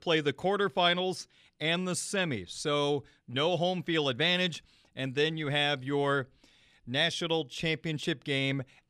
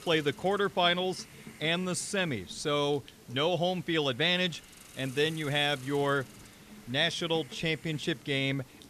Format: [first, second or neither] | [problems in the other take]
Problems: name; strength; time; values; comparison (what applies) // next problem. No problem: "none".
first | hiss; faint; throughout; 20 dB below the speech